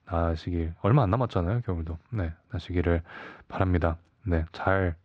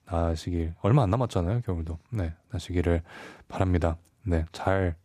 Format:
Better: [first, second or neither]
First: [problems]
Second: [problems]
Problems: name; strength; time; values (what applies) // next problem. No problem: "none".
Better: second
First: muffled; very slightly; fading above 4 kHz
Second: none